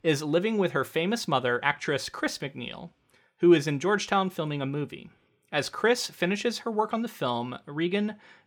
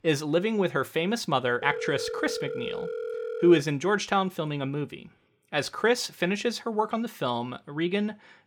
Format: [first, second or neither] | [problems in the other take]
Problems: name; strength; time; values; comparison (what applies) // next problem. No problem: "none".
first | phone ringing; noticeable; from 1.5 to 3.5 s; peak 6 dB below the speech